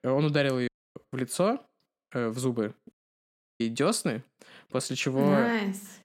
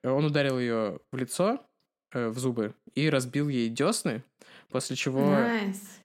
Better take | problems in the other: second | audio cutting out; at 0.5 s and at 3 s for 0.5 s

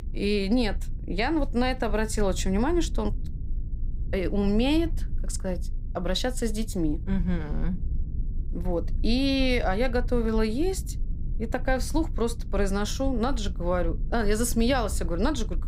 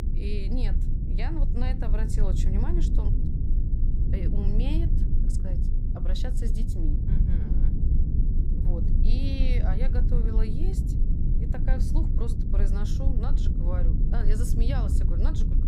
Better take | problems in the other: first | low rumble; loud; throughout; 2 dB below the speech; faint in the first

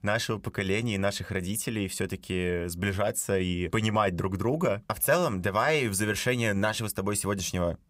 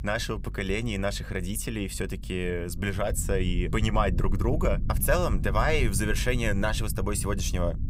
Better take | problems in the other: first | low rumble; noticeable; throughout; 15 dB below the speech

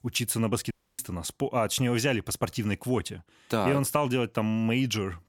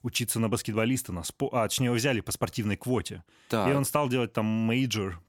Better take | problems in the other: second | audio cutting out; at 0.5 s

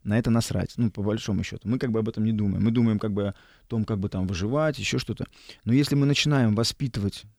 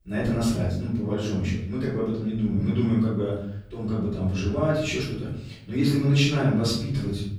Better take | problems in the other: first | off-mic speech; far // room echo; noticeable; dies away in 0.7 s

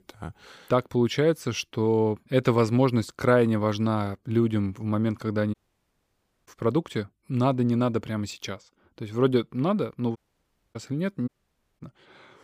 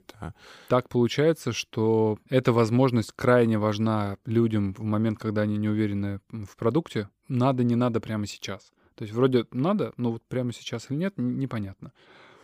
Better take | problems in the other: second | audio cutting out; at 5.5 s for 1 s, at 10 s for 0.5 s and at 11 s for 0.5 s

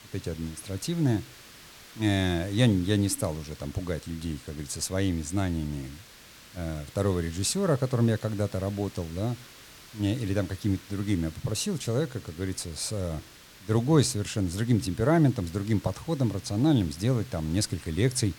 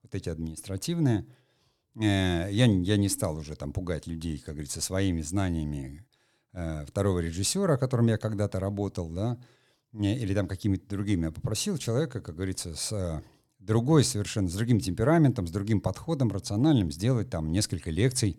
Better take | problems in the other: second | hiss; noticeable; throughout; 20 dB below the speech

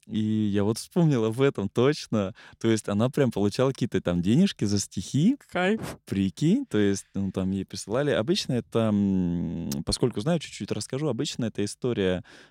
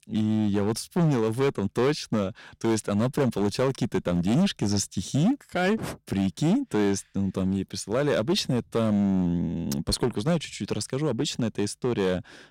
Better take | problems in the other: first | distortion; slight; 9% of the sound clipped

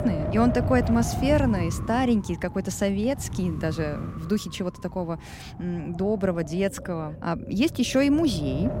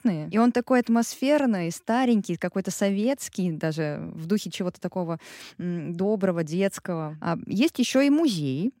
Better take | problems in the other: second | wind noise on the microphone; occasional gusts; 10 dB below the speech

